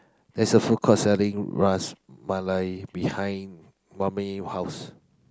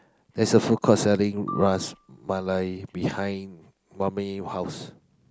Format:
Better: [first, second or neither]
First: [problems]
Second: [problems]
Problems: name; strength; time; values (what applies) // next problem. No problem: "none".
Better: first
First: none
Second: background sound (Marimba, xylophone); 17 dB below the speech